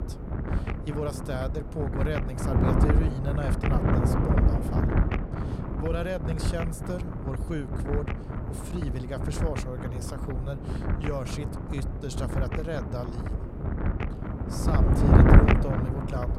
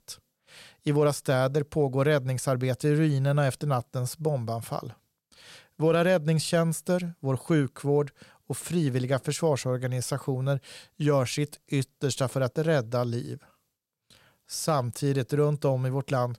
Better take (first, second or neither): second